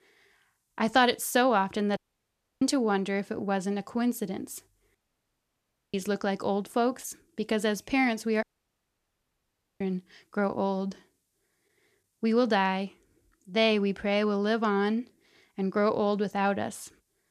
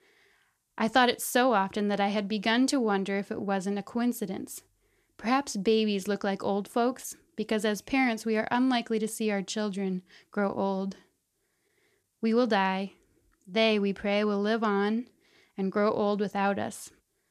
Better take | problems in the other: second | audio cutting out; at 2 s for 0.5 s, at 5 s for 1 s and at 8.5 s for 1.5 s

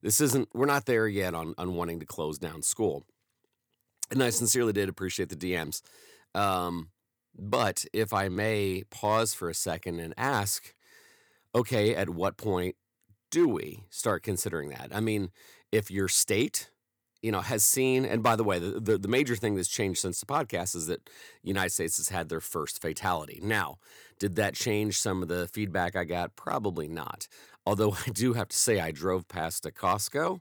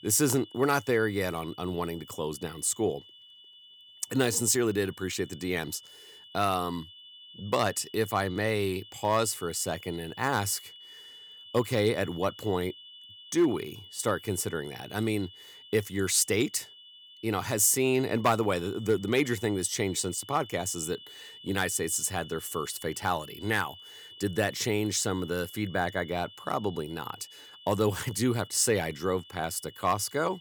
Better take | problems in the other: first | high-pitched whine; noticeable; throughout; 3 kHz, 20 dB below the speech

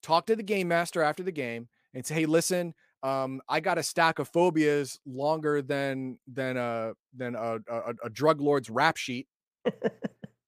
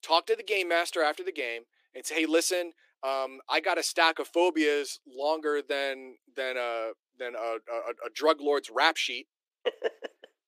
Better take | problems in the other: first | thin; somewhat; fading below 300 Hz

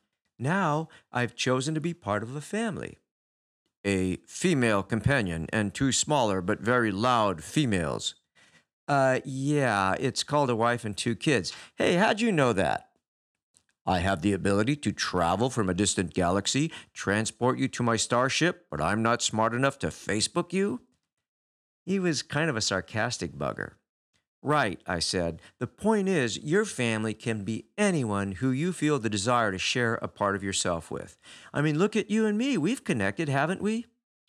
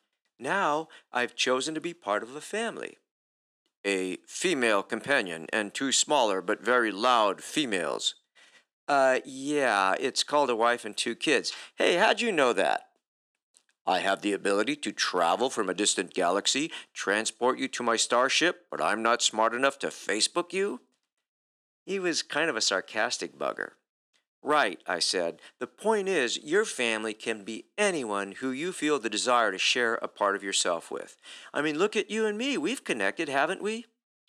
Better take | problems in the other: first | thin; somewhat; fading below 300 Hz

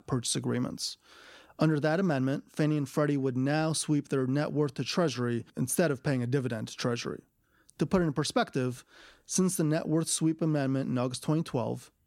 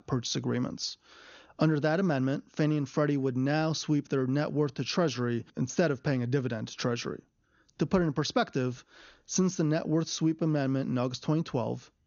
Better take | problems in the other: first | garbled, watery; slightly; nothing above 6.5 kHz

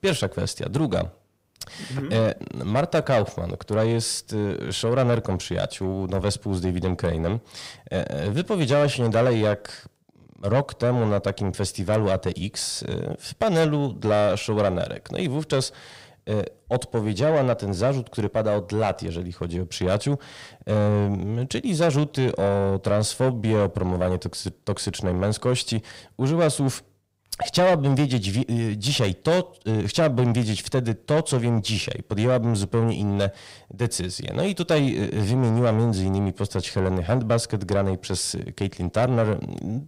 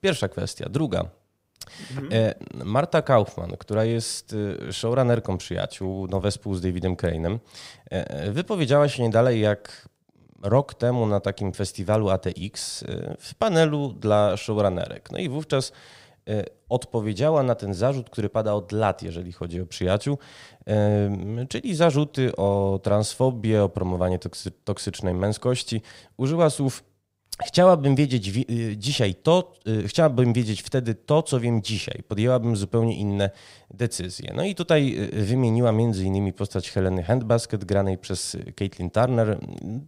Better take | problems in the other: second | distortion; slight; 10 dB below the speech

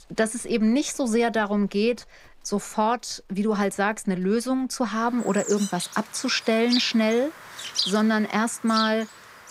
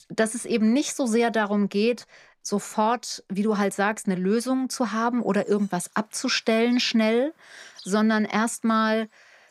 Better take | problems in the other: second | animal sounds; loud; throughout; 8 dB below the speech; faint in the second

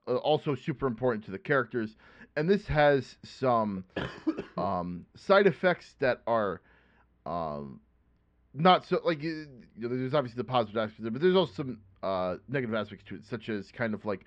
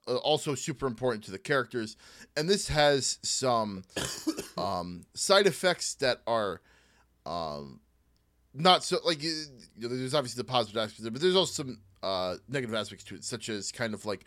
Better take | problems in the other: second | muffled; very; fading above 2.5 kHz

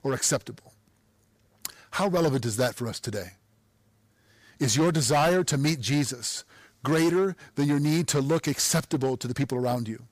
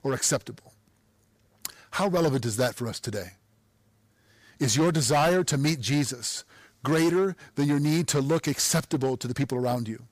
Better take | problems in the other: neither | distortion; slight; 7% of the sound clipped; the same in both

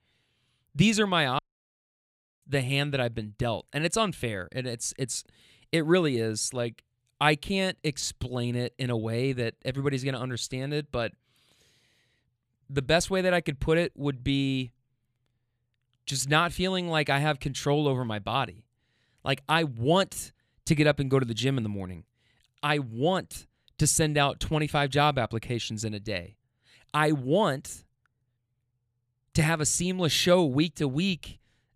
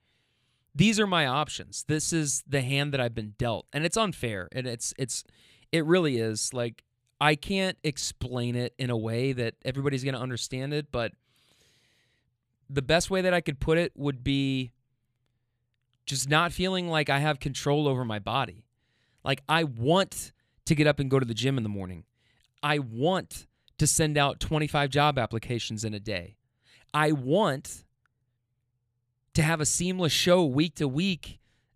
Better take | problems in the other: second | audio cutting out; at 1.5 s for 1 s

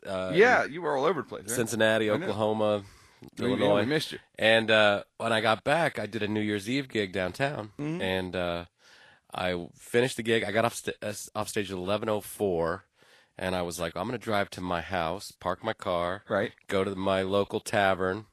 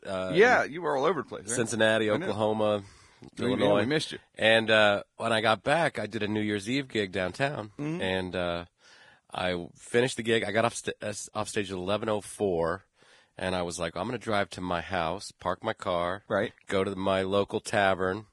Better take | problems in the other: first | garbled, watery; badly; nothing above 10.5 kHz; slightly in the first

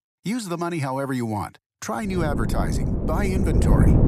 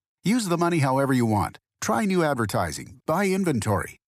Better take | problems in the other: second | wind noise on the microphone; heavy; from 2 s on; 2 dB below the speech

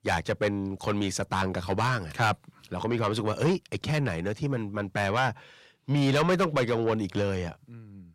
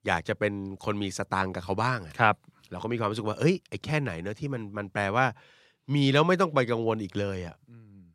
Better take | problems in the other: second | distortion; heavy; 7 dB below the speech

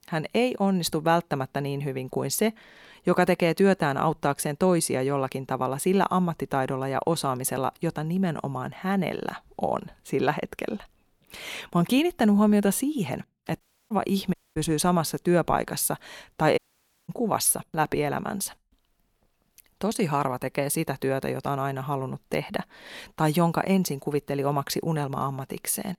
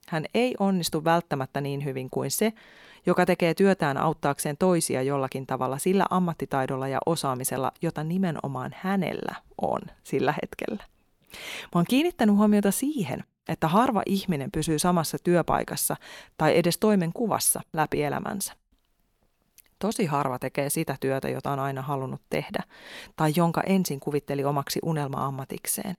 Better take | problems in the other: second | audio cutting out; at 14 s and at 17 s for 0.5 s

